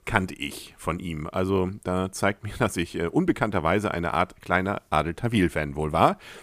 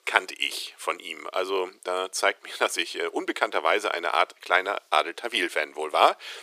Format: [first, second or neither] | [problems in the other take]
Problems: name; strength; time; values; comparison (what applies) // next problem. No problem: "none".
first | thin; very; fading below 400 Hz